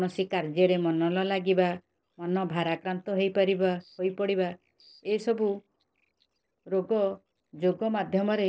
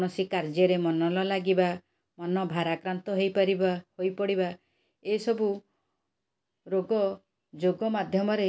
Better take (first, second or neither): second